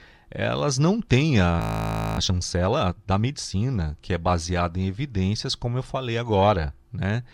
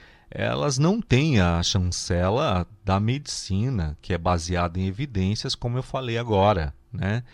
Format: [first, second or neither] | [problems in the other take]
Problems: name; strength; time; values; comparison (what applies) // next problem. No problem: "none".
second | audio freezing; at 1.5 s for 0.5 s